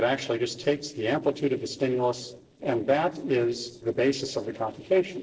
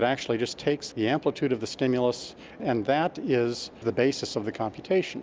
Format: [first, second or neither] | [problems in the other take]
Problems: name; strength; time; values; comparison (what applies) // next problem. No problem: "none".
second | noise reduction (neural separator model SepFormer DNS4)